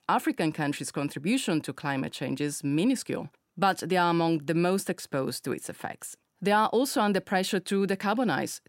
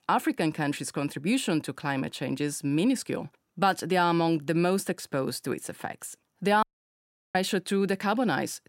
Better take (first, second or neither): first